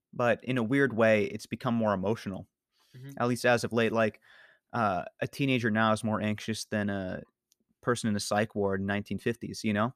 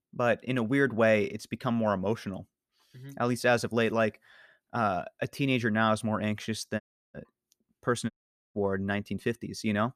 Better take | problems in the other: first | audio cutting out; at 7 s and at 8 s

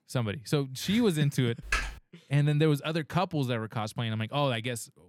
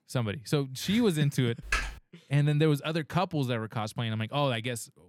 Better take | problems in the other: neither | keyboard typing; noticeable; at 1.5 s; peak 2 dB below the speech; the same in both

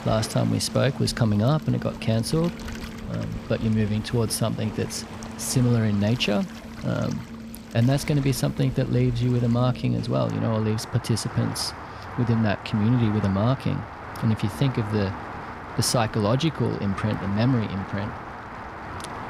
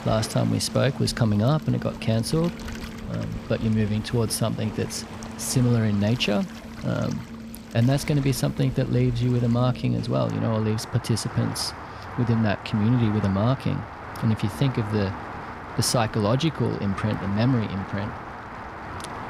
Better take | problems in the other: neither | rain or running water; noticeable; throughout; 10 dB below the speech; the same in both

